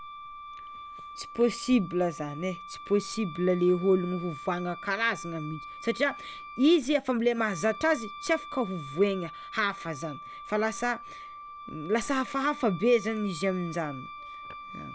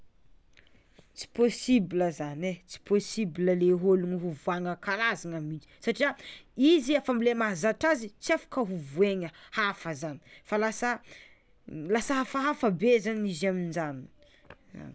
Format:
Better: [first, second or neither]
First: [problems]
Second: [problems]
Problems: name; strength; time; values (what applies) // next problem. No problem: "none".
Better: second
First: background sound (Wind instrument, woodwind instrument); 14 dB below the speech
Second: none